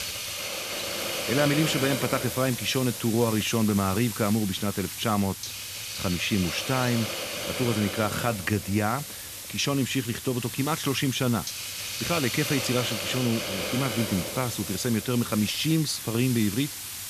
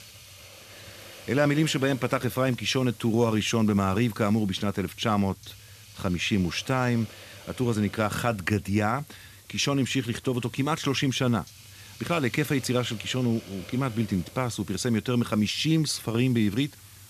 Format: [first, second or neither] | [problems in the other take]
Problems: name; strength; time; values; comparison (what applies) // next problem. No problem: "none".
second | hiss; loud; throughout; 5 dB below the speech; faint in the second